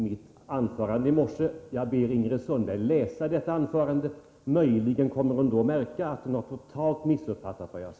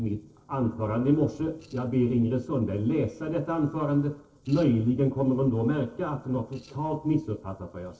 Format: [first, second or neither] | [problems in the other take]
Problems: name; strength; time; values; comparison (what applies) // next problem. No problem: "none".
first | noise reduction (neural separator model SepFormer DNS4)